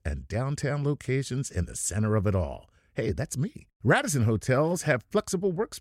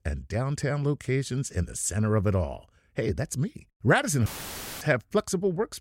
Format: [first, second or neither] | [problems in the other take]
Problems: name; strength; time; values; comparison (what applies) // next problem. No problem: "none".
first | audio cutting out; filled with static; at 4.5 s for 0.5 s